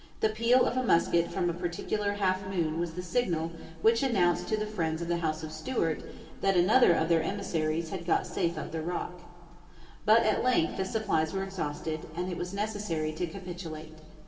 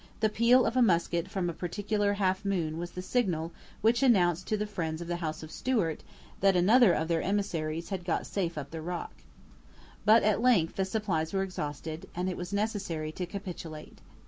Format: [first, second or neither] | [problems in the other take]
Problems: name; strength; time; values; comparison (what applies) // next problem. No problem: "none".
second | room echo; dies away in 2 s